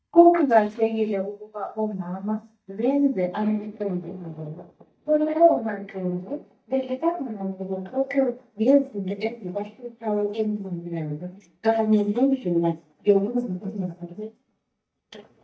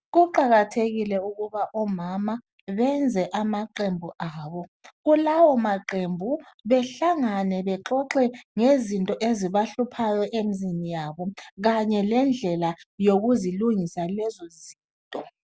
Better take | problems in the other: second | noise reduction (neural mask model DeepFilterNet 3)

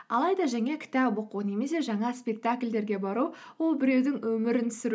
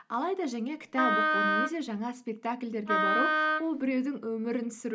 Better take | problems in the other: first | background sound (Wind instrument, woodwind instrument); 4 dB above the speech

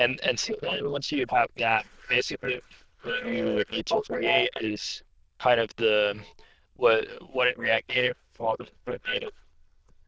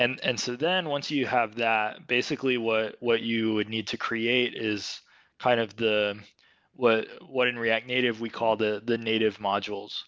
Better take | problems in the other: second | noise reduction (neural diffusion model UNIVERSE++)

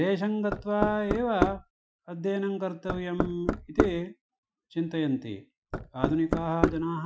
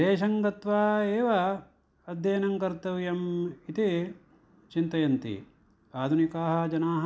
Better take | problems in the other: second | noise reduction (classical method Wiener filter)

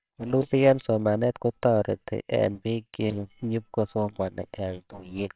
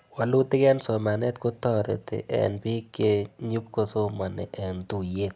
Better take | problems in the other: second | noise reduction (neural separator model SepFormer WHAMR!)

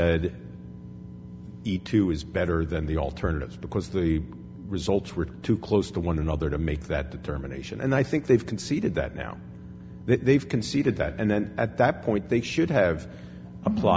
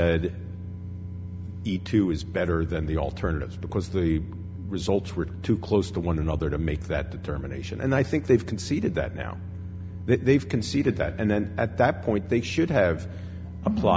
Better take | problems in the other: first | background sound (Domestic sounds, home sounds); 11 dB below the speech

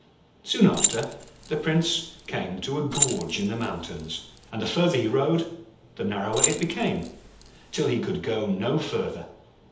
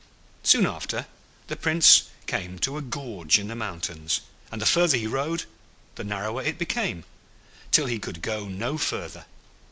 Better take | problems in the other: second | background sound (Keys jangling); 4 dB below the speech // room echo; dies away in 0.8 s

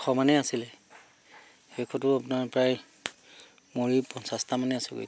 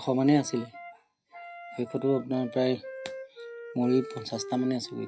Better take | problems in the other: first | noise reduction (classical method WPE with log-MMSE)

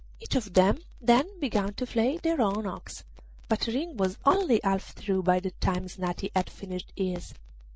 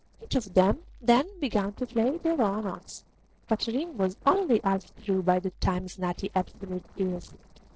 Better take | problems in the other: first | noise reduction (neural separator model SepFormer DNS4)

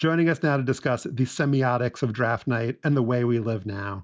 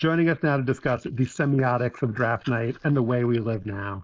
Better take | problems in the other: first | noise reduction (neural mask model Resemble Enhance denoiser)

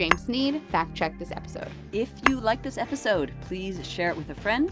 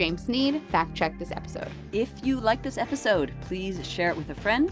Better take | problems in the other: second | background sound (Tap / Hammer); 6 dB below the speech

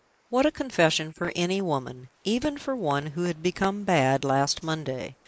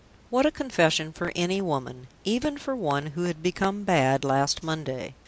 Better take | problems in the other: second | noise reduction (neural mask model Resemble Enhance denoiser)

